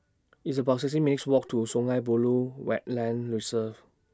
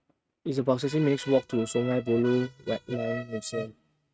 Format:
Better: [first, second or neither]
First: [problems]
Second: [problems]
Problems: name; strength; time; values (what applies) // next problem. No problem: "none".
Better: first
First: none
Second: noise reduction (neural mask model RNNoise)